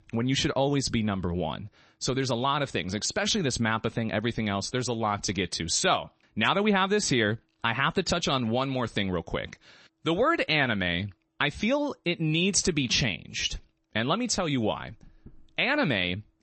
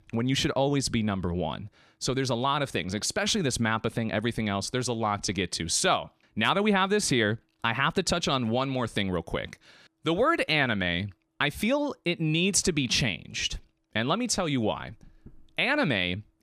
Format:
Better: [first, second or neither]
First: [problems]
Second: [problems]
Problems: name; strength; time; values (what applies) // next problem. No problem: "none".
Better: second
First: garbled, watery; slightly; nothing above 8 kHz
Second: none